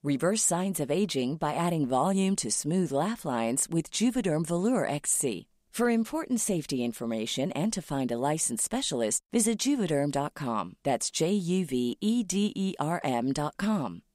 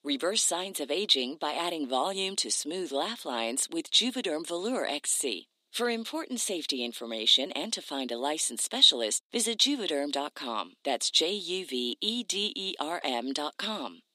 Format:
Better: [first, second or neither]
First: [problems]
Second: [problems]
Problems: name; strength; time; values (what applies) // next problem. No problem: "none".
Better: first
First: none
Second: thin; very slightly; fading below 250 Hz